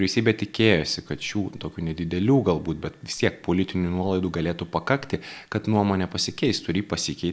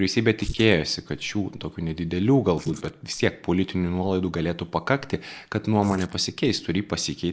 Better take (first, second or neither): first